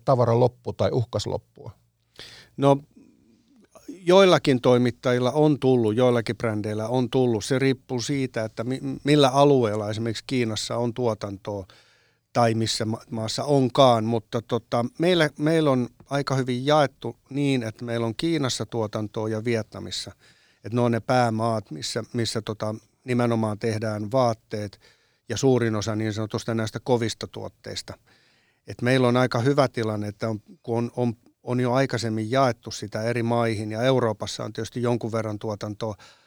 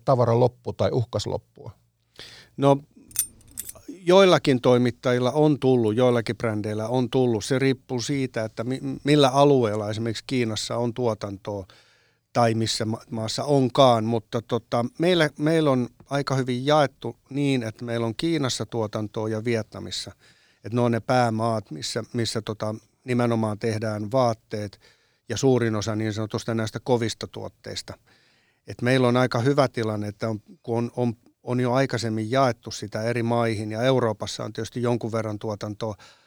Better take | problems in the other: first | jangling keys; noticeable; at 3 s; peak 3 dB below the speech

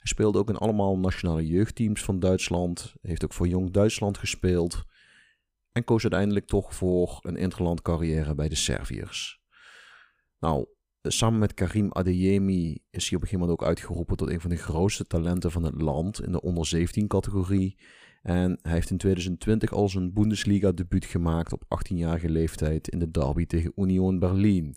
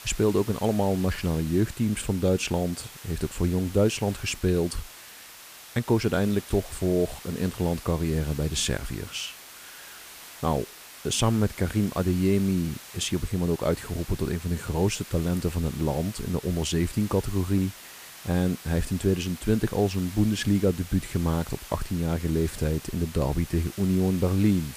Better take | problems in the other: first | hiss; noticeable; throughout; 15 dB below the speech

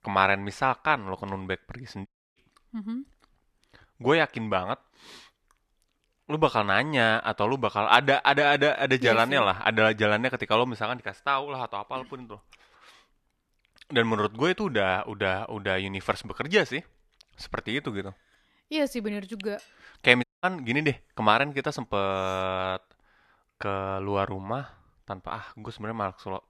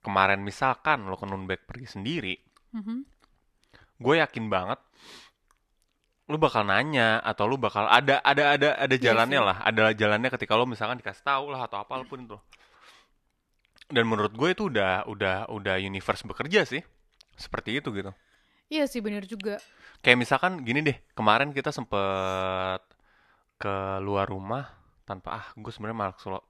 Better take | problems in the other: second | audio cutting out; at 2 s and at 20 s

